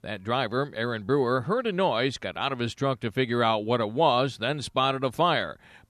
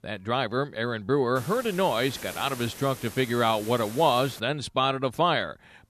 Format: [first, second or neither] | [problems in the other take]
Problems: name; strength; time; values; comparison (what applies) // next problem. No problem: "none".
first | hiss; noticeable; from 1.5 to 4.5 s; 15 dB below the speech